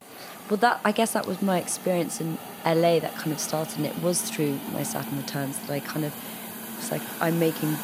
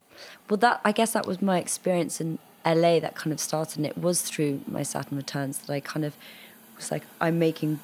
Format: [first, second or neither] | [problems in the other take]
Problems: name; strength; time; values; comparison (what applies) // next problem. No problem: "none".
second | hiss; loud; throughout; 10 dB below the speech; faint in the second